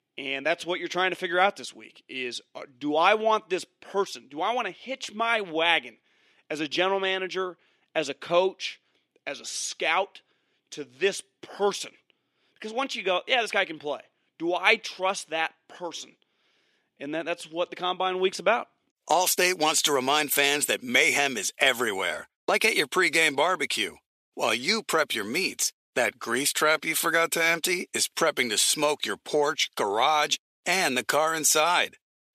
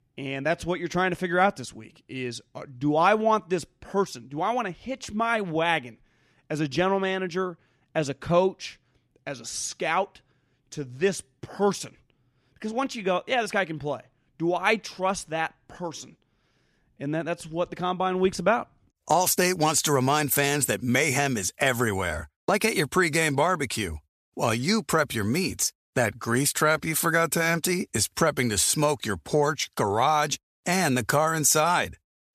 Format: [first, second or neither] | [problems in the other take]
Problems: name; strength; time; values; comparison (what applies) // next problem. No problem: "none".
second | thin; somewhat; fading below 350 Hz